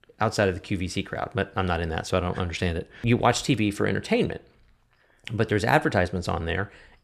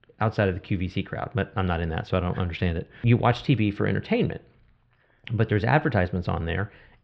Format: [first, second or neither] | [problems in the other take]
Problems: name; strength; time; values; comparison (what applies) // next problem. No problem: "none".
first | muffled; slightly; fading above 3.5 kHz